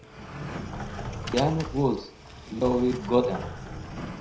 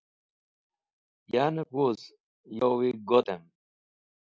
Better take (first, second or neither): second